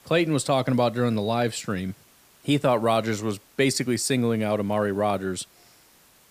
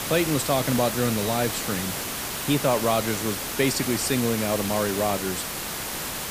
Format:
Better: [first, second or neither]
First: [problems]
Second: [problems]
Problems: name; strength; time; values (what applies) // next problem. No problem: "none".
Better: first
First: hiss; faint; throughout; 30 dB below the speech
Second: hiss; loud; throughout; 3 dB below the speech